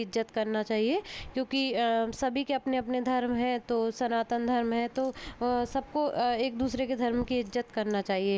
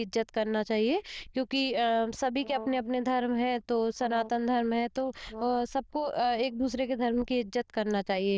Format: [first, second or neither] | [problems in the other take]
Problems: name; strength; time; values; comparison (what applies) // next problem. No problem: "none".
first | noise reduction (neural diffusion model UNIVERSE++)